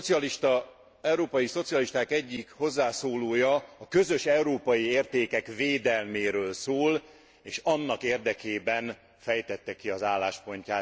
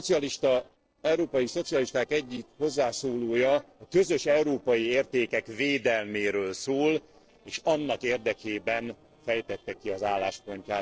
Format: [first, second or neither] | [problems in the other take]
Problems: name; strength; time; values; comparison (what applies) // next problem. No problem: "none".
first | noise reduction (neural separator model SepFormer DNS4)